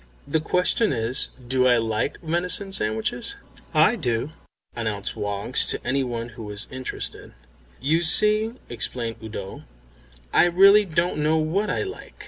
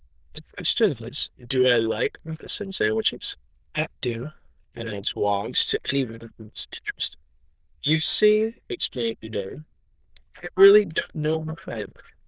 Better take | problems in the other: first | noise reduction (neural diffusion model UNIVERSE++)

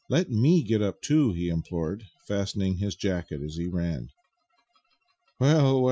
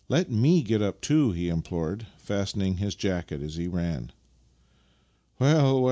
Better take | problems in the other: second | noise reduction (classical method Wiener filter)

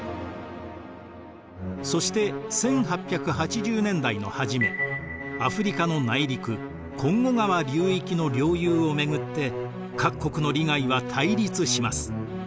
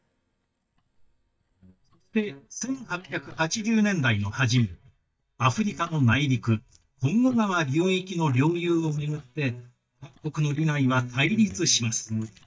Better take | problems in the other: first | noise reduction (neural mask model DeepFilterNet 3)

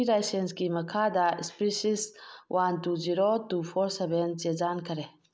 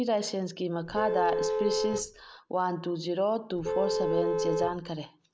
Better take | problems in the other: first | background sound (Vehicle horn, car horn, honking); 1 dB above the speech

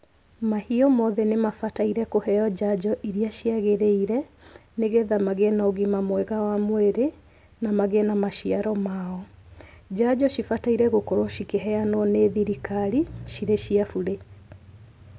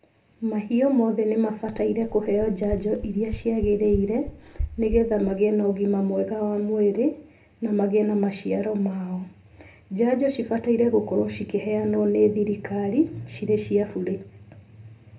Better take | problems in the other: first | background sound (Run); 10 dB below the speech // room echo; dies away in 0.3 s

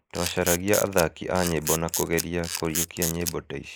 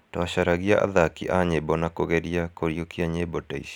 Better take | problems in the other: second | noise reduction (neural mask model Resemble Enhance denoiser)

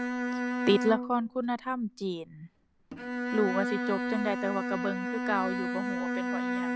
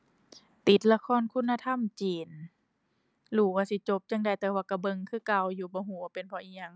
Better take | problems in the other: second | background sound (Bowed string instrument); 1 dB below the speech

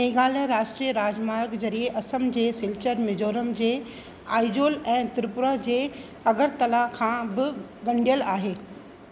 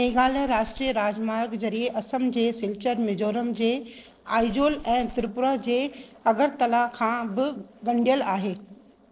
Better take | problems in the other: first | noise reduction (neural separator model SepFormer DNS4)

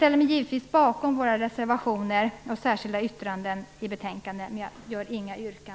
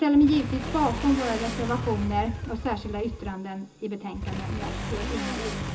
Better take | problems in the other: first | background sound (Motorcycle / Accelerating, revving, vroom); 6 dB below the speech // room echo; dies away in 0.2 s

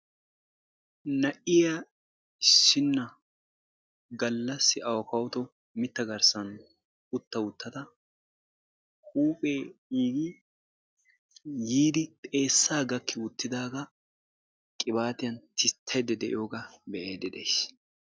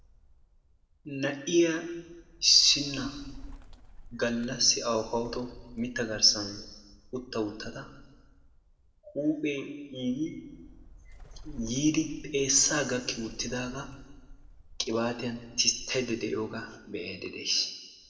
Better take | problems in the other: first | background sound (Bird); 19 dB below the speech // room echo; dies away in 1.1 s

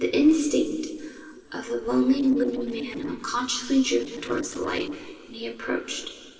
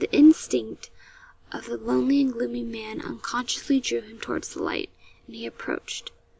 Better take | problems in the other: second | noise reduction (neural separator model SepFormer DNS4)

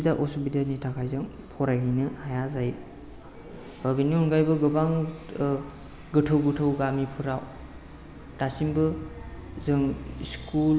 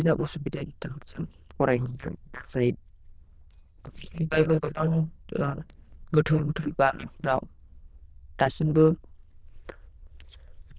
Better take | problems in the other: first | noise reduction (neural diffusion model UNIVERSE++)

